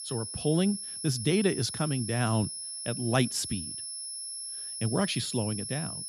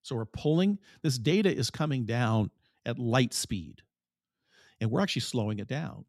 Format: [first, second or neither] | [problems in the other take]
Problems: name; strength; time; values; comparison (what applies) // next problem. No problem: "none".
second | high-pitched whine; loud; throughout; 11 kHz, 6 dB below the speech